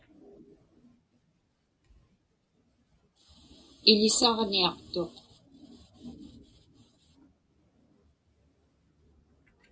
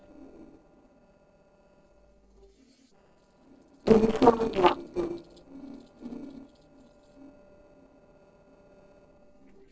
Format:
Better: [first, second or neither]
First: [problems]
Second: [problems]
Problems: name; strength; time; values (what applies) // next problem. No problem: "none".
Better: first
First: none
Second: noise reduction (neural separator model SepFormer DNS4)